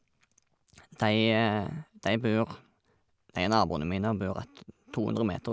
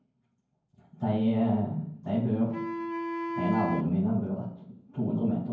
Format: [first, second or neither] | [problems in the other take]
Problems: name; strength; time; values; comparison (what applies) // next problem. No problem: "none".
first | background sound (Wind instrument, woodwind instrument); 6 dB below the speech // room echo; dies away in 0.9 s